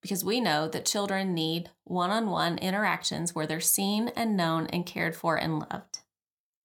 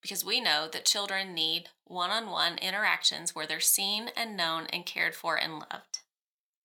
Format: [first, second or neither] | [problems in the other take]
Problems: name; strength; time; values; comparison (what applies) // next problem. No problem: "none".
first | thin; somewhat; fading below 1 kHz